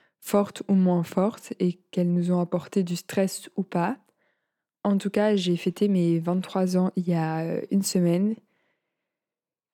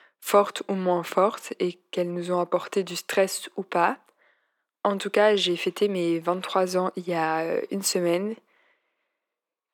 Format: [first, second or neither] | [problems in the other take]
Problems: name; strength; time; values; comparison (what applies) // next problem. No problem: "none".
first | thin; very; fading below 450 Hz